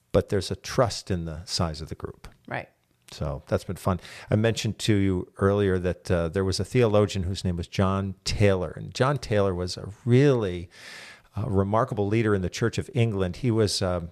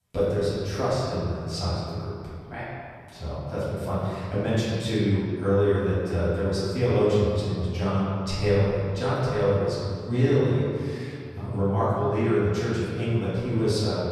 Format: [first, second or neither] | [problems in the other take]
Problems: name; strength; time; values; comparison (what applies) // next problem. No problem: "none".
first | room echo; strong; dies away in 2.1 s // off-mic speech; far